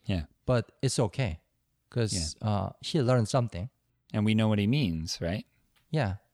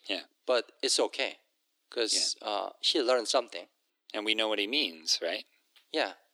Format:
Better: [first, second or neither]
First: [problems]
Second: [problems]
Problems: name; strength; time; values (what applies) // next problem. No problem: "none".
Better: first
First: none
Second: thin; very; fading below 300 Hz